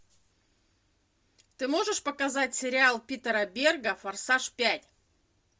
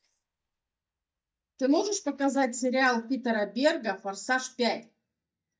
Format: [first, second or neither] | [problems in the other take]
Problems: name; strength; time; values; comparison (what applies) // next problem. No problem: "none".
first | noise reduction (neural mask model DeepFilterNet 3)